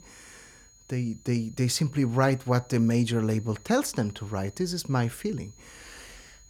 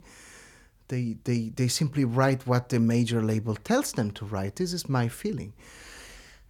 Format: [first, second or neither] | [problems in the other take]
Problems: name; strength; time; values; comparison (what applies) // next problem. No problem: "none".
second | high-pitched whine; faint; throughout; 6.5 kHz, 25 dB below the speech